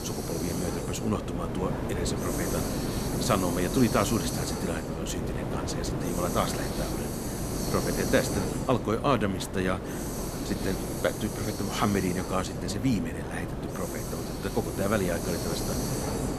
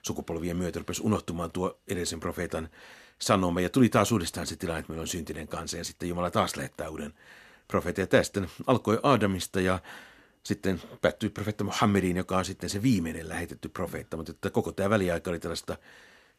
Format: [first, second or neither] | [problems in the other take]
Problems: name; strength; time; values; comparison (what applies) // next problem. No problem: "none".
second | hiss; loud; throughout; 1 dB below the speech